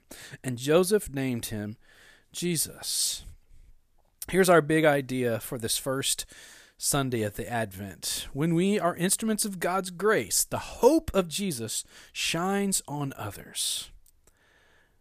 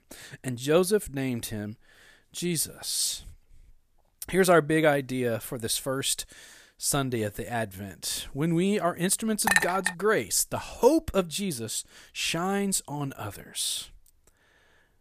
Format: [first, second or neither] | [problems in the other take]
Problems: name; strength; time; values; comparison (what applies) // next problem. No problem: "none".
first | clattering dishes; loud; at 9.5 s; peak 3 dB above the speech